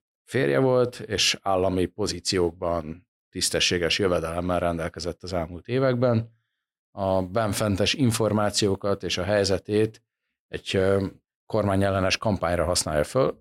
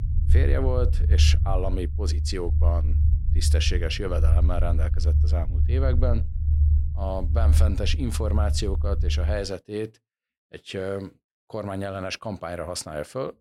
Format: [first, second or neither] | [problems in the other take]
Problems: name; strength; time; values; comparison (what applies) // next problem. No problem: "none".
first | low rumble; loud; until 9.5 s; 10 dB below the speech